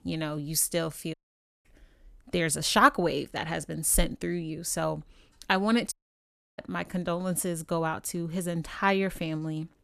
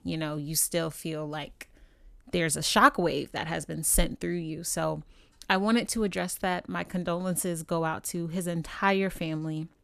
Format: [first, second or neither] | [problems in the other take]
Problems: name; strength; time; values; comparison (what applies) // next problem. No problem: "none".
second | audio cutting out; at 1 s for 0.5 s and at 6 s for 0.5 s